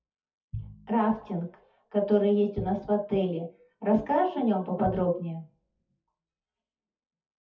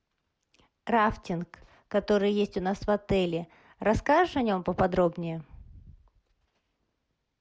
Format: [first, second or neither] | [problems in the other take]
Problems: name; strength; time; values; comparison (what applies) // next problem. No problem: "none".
second | noise reduction (classical method WPE with log-MMSE)